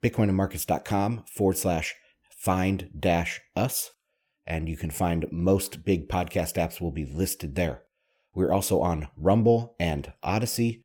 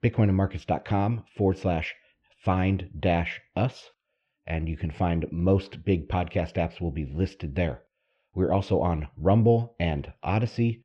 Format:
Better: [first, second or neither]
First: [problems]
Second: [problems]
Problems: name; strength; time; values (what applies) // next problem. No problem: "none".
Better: first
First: none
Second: muffled; slightly; fading above 4 kHz